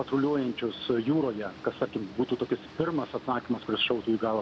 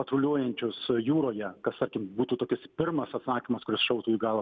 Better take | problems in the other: second | background sound (Boat, Water vehicle); 18 dB below the speech

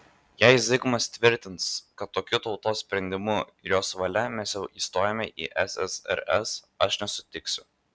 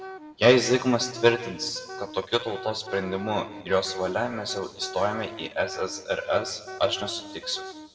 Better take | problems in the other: first | background sound (Wind instrument, woodwind instrument); 14 dB below the speech // room echo; dies away in 1.3 s

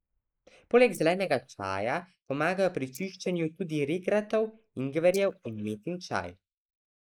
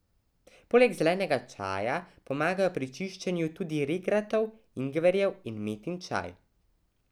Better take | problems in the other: second | noise reduction (neural mask model Resemble Enhance denoiser)

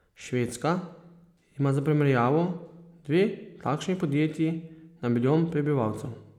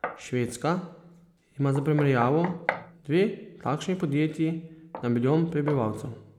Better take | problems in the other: first | background sound (Knock); 13 dB below the speech

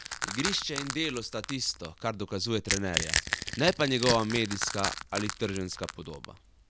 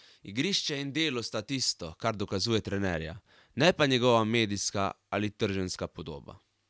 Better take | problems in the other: second | background sound (Crack / Crushing); 4 dB below the speech

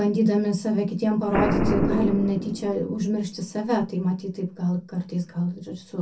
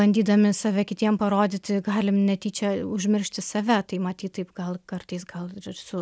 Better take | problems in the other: second | background sound (Boom); 6 dB below the speech // room echo; dies away in 0.3 s

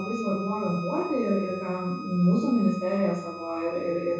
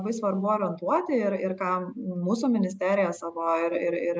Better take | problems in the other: second | background sound (Bowed string instrument); 13 dB below the speech // room echo; dies away in 0.6 s

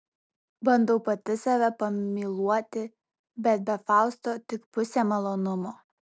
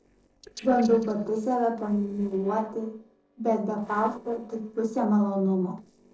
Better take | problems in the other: first | noise reduction (neural separator model SepFormer DNS4)

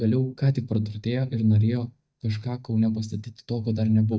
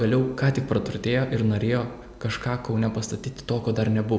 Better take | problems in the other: second | noise reduction (neural mask model DeepFilterNet 3)

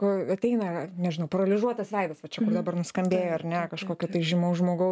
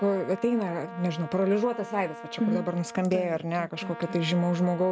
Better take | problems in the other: first | background sound (Brass instrument); 15 dB below the speech

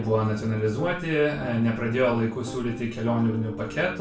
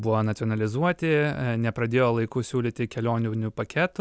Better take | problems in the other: second | background sound (Piano); 14 dB below the speech // room echo; dies away in 0.3 s

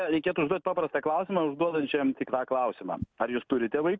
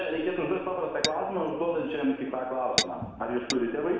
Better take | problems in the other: first | background sound (Tap / Glass); 8 dB below the speech // room echo; dies away in 1.1 s

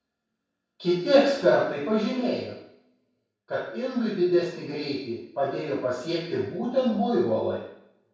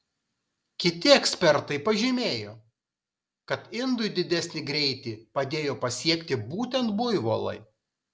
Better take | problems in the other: second | room echo; dies away in 0.7 s

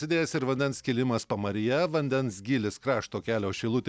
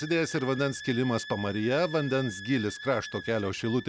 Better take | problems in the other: first | background sound (Wind instrument, woodwind instrument); 14 dB below the speech

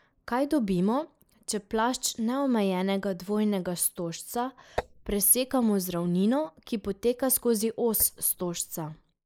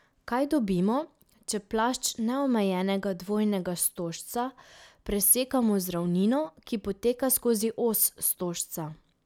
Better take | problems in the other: second | noise reduction (neural mask model Resemble Enhance denoiser)

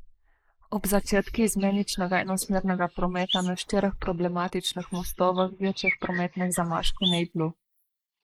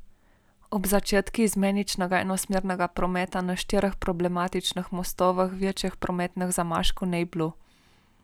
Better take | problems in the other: second | noise reduction (neural mask model Resemble Enhance denoiser)

